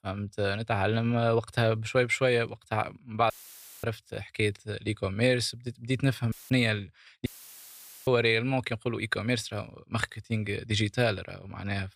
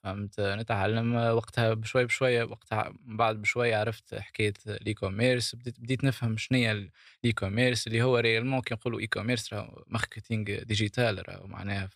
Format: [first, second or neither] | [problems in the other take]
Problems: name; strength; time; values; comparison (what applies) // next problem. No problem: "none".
second | audio cutting out; filled with static; at 3.5 s for 0.5 s, at 6.5 s and at 7.5 s for 1 s